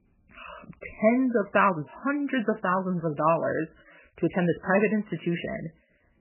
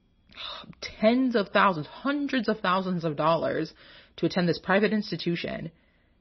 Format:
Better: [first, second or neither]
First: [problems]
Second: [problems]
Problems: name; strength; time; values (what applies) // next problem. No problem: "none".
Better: second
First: garbled, watery; badly; nothing above 3 kHz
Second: garbled, watery; slightly; nothing above 5.5 kHz